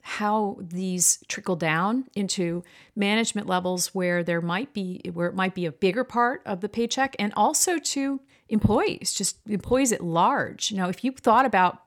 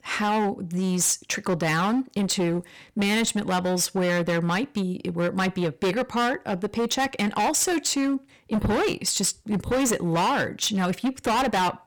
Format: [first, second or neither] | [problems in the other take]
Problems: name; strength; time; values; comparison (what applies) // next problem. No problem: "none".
first | distortion; heavy; 20% of the sound clipped